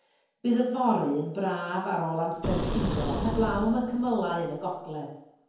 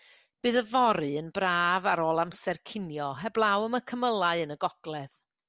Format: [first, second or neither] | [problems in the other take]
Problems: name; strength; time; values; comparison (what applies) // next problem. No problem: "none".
second | background sound (Boom); 4 dB below the speech // room echo; dies away in 0.9 s